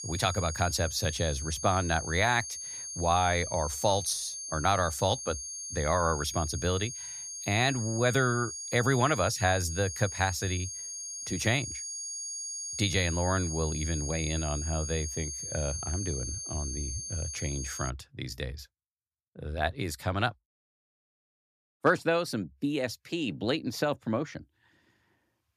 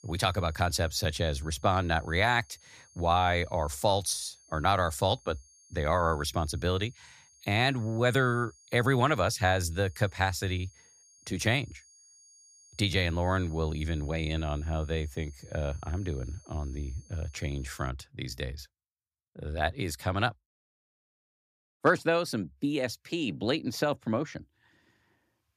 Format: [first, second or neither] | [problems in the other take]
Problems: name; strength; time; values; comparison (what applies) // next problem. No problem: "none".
second | high-pitched whine; loud; until 18 s; 6.5 kHz, 6 dB below the speech; faint in the second